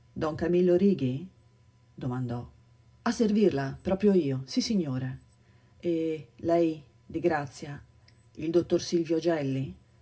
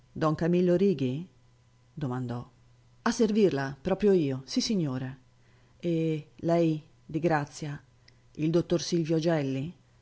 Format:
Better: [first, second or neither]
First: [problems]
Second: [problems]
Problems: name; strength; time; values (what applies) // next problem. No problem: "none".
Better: second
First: room echo; dies away in 0.4 s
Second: none